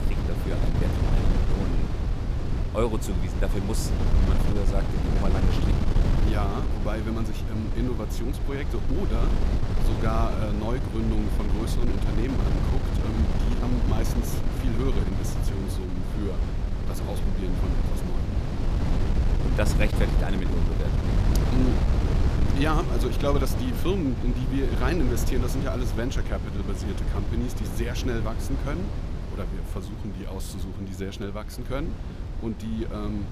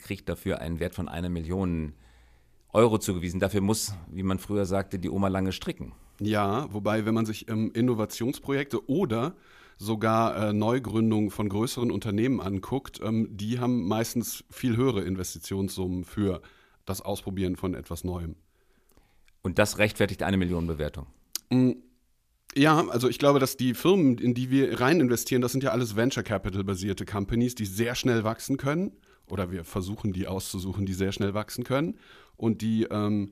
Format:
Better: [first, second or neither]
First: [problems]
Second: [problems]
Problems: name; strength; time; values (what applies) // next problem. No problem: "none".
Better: second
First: wind noise on the microphone; heavy; 2 dB below the speech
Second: none